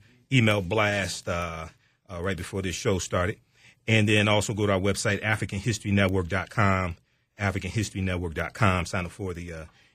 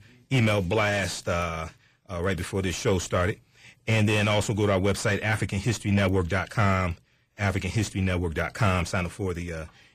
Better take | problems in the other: first | distortion; slight; 10 dB below the speech

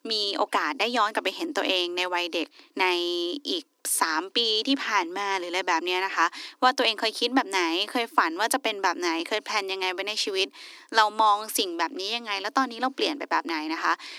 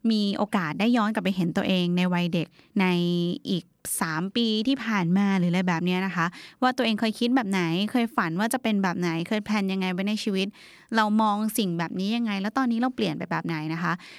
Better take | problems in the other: second | thin; very; fading below 300 Hz

